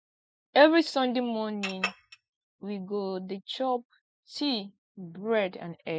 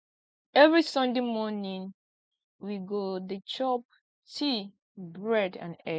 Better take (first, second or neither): second